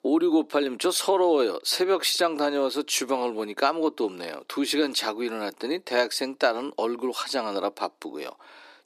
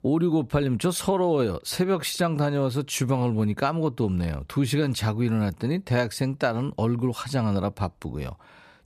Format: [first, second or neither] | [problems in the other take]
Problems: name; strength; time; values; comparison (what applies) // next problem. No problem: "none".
second | thin; somewhat; fading below 300 Hz